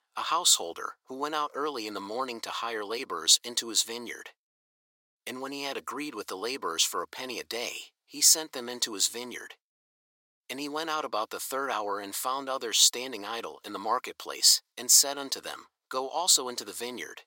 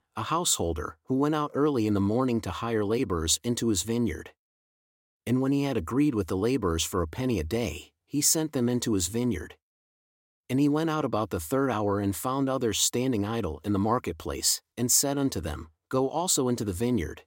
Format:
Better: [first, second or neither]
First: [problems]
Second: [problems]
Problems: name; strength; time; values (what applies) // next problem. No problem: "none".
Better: second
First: thin; very; fading below 700 Hz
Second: none